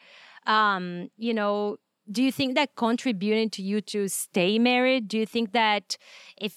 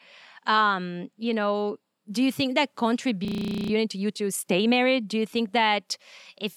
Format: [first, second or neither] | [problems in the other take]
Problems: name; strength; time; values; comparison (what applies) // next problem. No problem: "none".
first | audio freezing; at 3.5 s